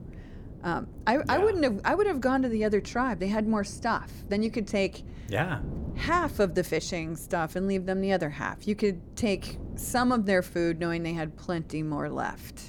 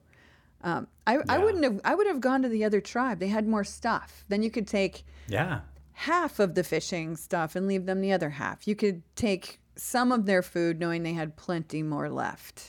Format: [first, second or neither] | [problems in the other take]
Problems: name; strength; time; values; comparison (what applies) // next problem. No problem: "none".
second | wind noise on the microphone; occasional gusts; 20 dB below the speech